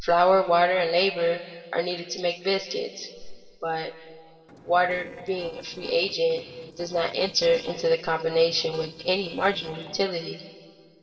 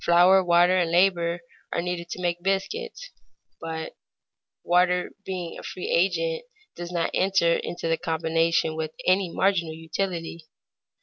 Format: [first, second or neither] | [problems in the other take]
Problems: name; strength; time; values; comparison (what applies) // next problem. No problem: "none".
second | noise reduction (neural separator model SepFormer DNS4)